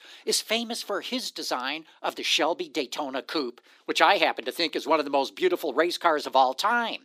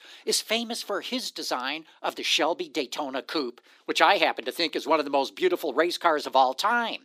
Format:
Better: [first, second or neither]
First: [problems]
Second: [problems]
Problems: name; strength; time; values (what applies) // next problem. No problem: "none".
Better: neither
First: thin; somewhat; fading below 300 Hz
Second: thin; somewhat; fading below 300 Hz